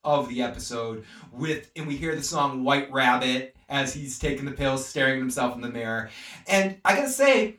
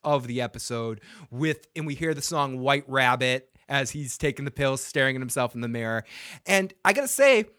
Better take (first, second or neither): second